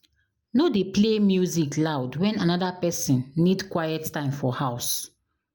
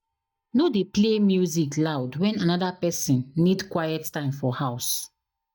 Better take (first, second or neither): first